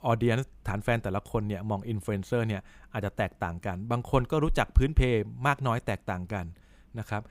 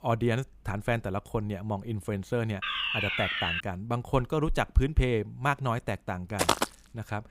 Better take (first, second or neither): first